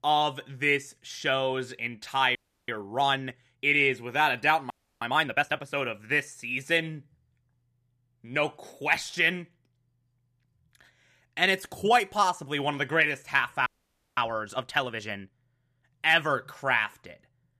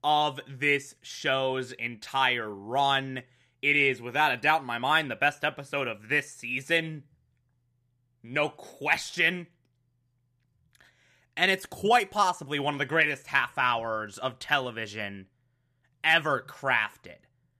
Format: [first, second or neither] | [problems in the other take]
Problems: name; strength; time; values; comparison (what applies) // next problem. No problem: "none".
second | audio freezing; at 2.5 s, at 4.5 s and at 14 s for 0.5 s